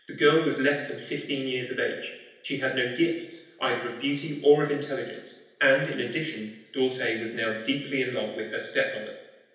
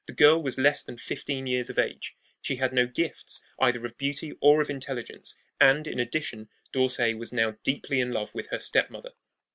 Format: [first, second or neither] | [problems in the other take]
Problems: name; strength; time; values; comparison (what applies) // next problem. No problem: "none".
second | room echo; dies away in 0.9 s